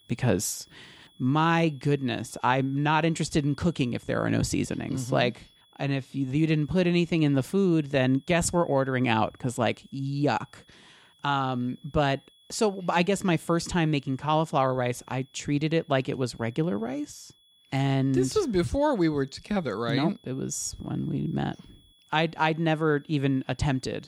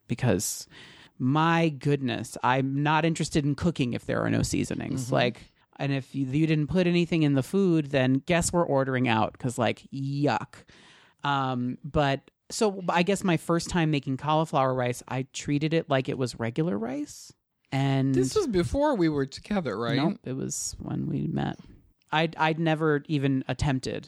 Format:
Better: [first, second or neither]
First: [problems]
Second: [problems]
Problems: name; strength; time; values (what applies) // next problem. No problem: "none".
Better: second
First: high-pitched whine; faint; throughout; 3.5 kHz, 30 dB below the speech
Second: none